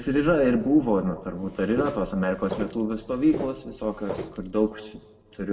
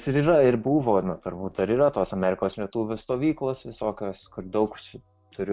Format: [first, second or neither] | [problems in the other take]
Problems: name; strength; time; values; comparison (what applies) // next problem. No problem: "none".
second | background sound (Walk, footsteps); 11 dB below the speech // room echo; dies away in 1.4 s